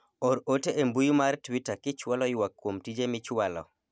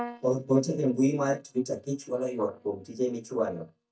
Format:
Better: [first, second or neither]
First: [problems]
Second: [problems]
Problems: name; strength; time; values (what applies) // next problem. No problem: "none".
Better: first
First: none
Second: noise reduction (neural mask model DeepFilterNet 3)